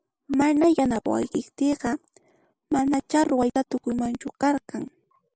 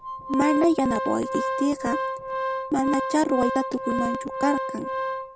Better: first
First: none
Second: background sound (Organ); 3 dB below the speech

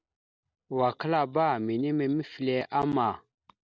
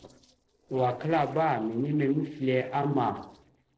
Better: first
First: none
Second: noise reduction (neural separator model SepFormer DNS4)

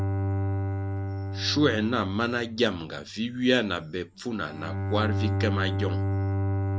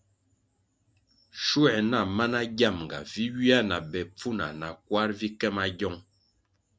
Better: second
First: background sound (Bowed string instrument); as loud as the speech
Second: none

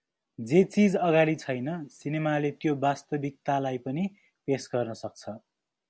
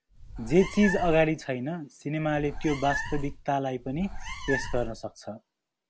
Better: first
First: none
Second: background sound (Meow); 7 dB below the speech

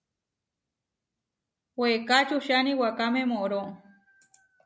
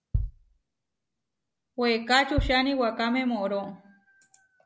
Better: first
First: none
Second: background sound (Bass drum); 8 dB below the speech

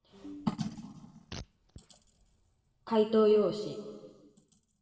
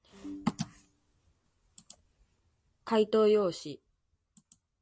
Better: second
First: background sound (Fart); 18 dB below the speech // room echo; dies away in 1.6 s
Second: none

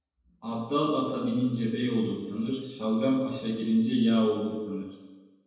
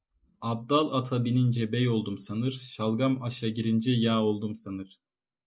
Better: second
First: room echo; dies away in 1.1 s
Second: none

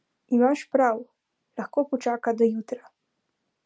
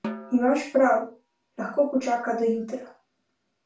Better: first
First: none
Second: background sound (Snare drum); 16 dB below the speech // room echo; dies away in 0.3 s

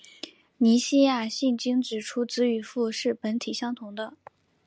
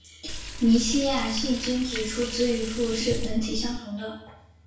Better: first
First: none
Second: background sound (Liquid); 6 dB below the speech // room echo; dies away in 0.6 s

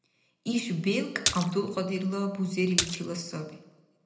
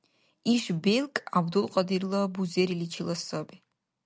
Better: second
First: background sound (Splash, splatter); 2 dB below the speech // room echo; dies away in 0.8 s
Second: none

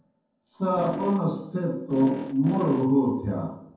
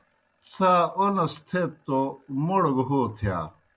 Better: second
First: noise reduction (neural separator model SepFormer DNS4)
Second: none

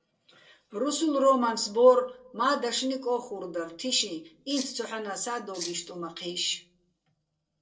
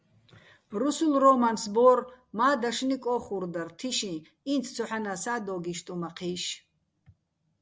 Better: second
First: noise reduction (neural separator model SepFormer DNS4)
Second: none

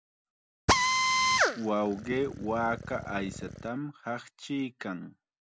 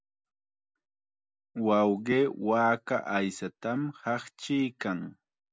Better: second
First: background sound (Drill); 5 dB above the speech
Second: none

